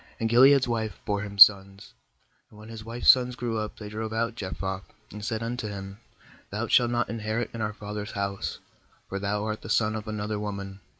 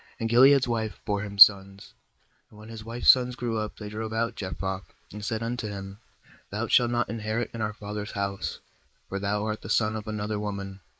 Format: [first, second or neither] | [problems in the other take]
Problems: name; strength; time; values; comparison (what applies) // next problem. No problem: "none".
first | noise reduction (neural mask model Resemble Enhance denoiser)